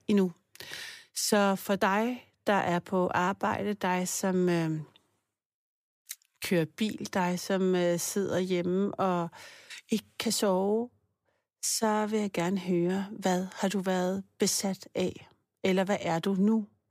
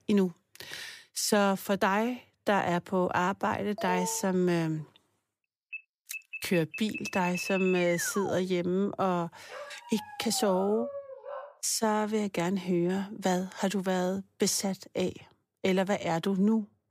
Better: first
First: none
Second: alarm; noticeable; at 4 s and from 5.5 to 8.5 s; peak 5 dB below the speech // dog barking; faint; from 9.5 to 12 s; peak 10 dB below the speech

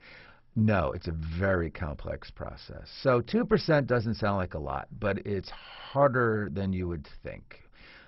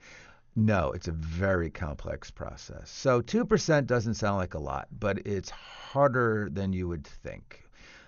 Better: second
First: garbled, watery; badly; nothing above 5.5 kHz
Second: garbled, watery; slightly; nothing above 6.5 kHz

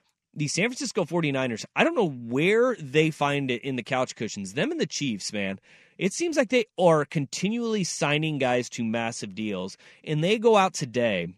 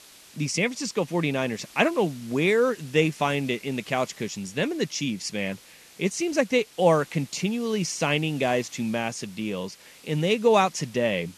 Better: first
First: none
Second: hiss; faint; throughout; 20 dB below the speech

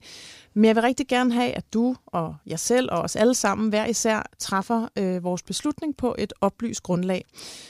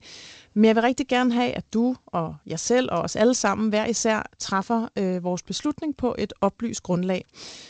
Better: first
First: none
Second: garbled, watery; slightly; nothing above 7.5 kHz

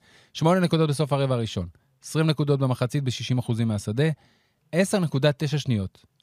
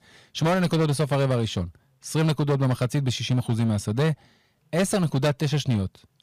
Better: first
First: none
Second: distortion; slight; 14% of the sound clipped

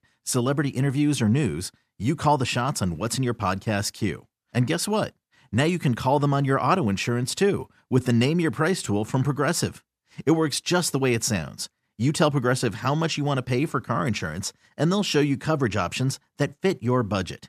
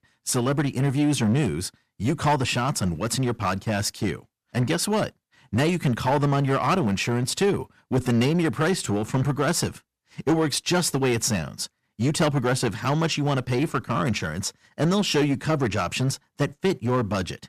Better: first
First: none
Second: distortion; slight; 7% of the sound clipped

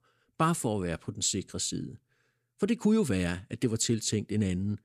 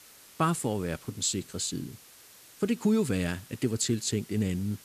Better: first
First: none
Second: hiss; faint; throughout; 20 dB below the speech

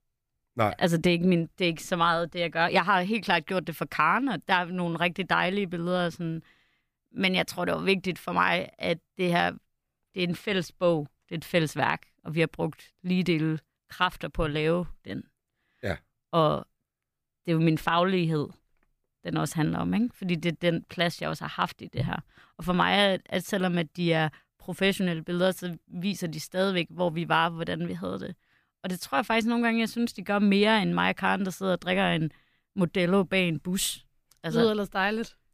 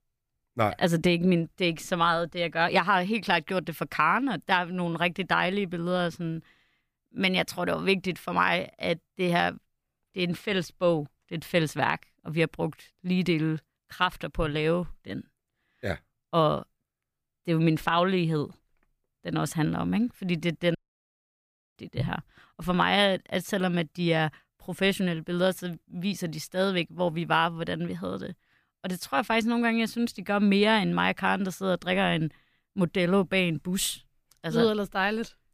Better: first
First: none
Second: audio cutting out; at 21 s for 1 s

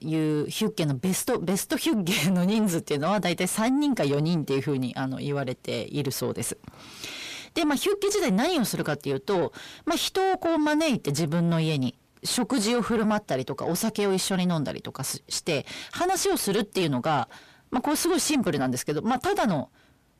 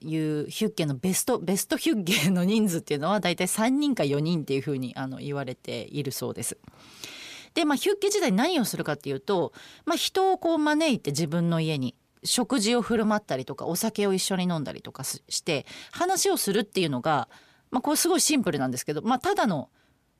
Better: second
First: distortion; slight; 10 dB below the speech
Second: none

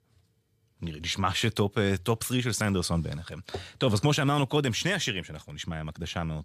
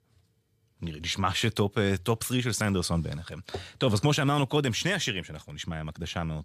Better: neither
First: none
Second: none

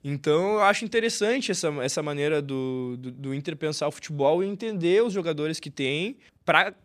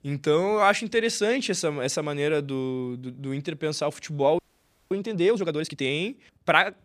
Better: first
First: none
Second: audio freezing; at 4.5 s for 0.5 s

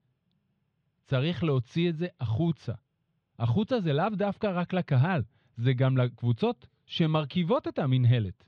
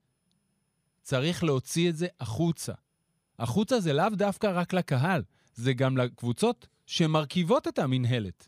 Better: second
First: muffled; slightly; fading above 3.5 kHz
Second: none

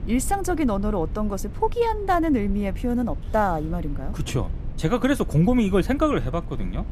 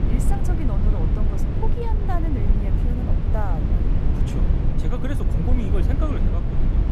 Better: first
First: low rumble; faint; throughout; 20 dB below the speech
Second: low rumble; loud; throughout; 1 dB below the speech

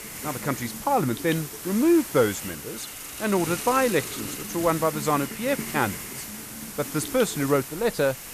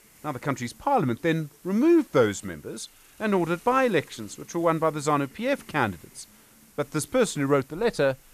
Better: second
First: hiss; loud; throughout; 8 dB below the speech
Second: hiss; faint; throughout; 25 dB below the speech

